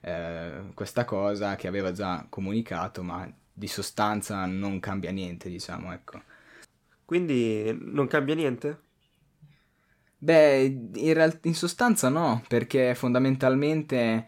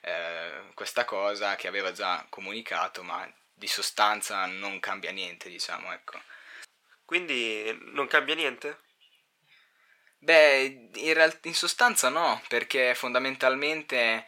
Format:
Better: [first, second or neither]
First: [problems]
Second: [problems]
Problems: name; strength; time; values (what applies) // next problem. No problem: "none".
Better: first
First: none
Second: thin; very; fading below 650 Hz